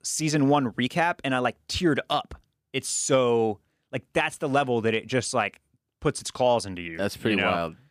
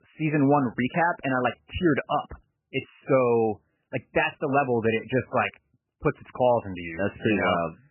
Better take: first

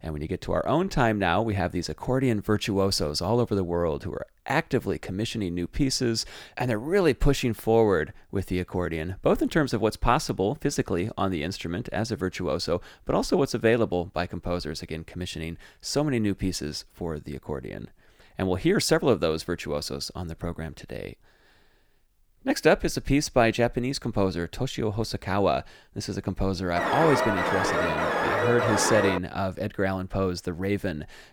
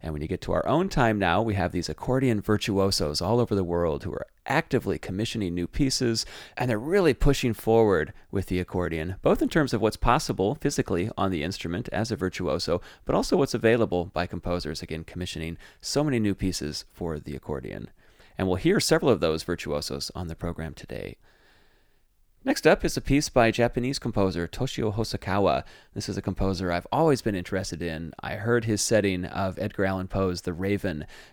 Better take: second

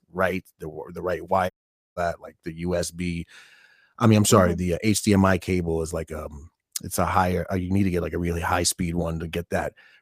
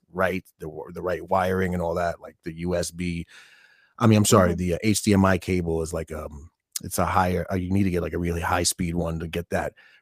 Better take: second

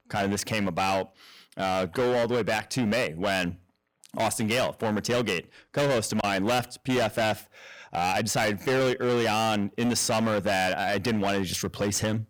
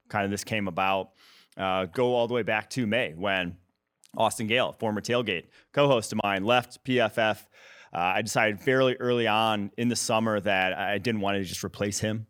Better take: second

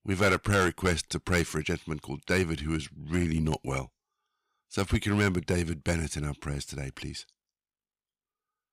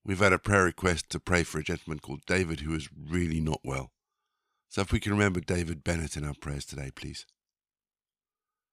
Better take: second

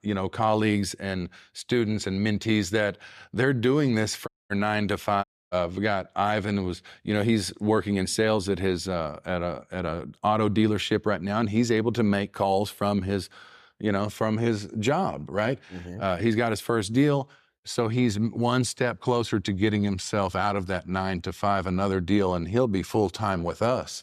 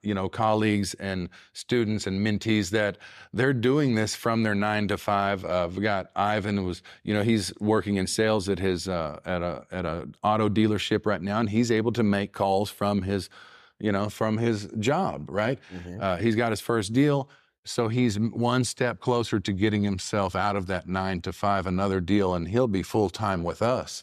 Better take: second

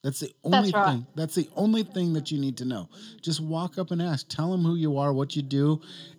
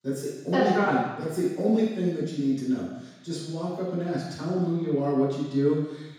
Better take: first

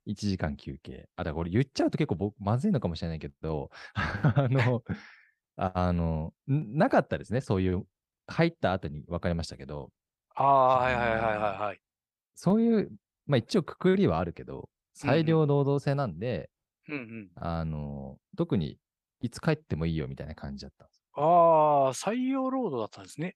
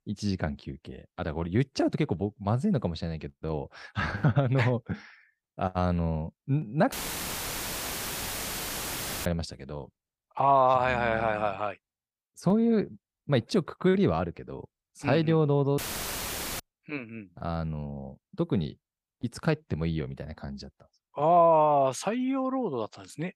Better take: first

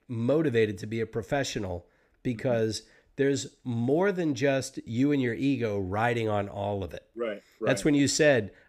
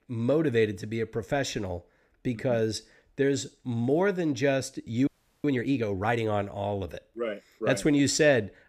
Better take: first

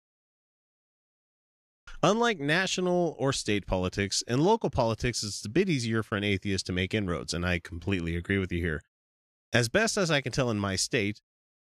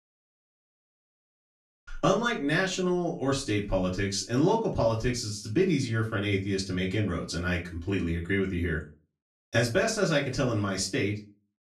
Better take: first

